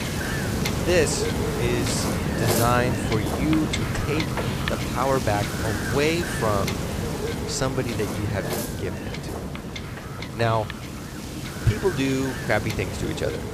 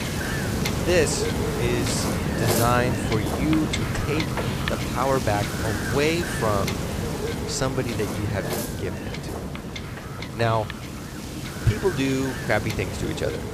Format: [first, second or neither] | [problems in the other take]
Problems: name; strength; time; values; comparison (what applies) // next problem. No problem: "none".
neither | wind noise on the microphone; heavy; 3 dB below the speech; the same in both